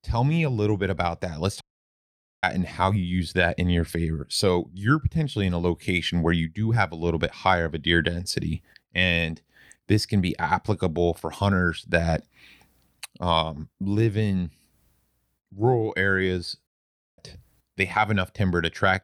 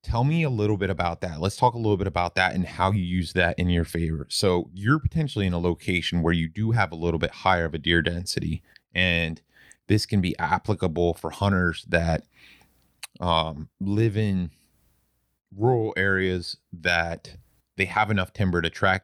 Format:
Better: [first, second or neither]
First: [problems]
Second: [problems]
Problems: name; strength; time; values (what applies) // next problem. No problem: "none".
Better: second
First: audio cutting out; at 1.5 s for 1 s and at 17 s for 0.5 s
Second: none